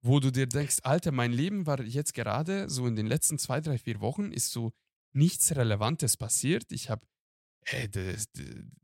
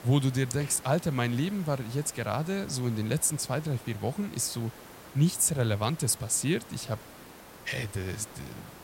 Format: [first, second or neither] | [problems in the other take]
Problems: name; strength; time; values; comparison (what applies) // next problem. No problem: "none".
first | hiss; noticeable; throughout; 20 dB below the speech